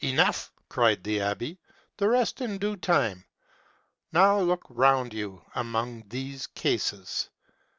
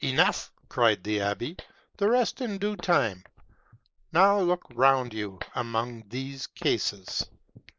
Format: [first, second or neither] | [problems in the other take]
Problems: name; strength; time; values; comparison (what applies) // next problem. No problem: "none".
first | noise reduction (neural mask model Resemble Enhance denoiser)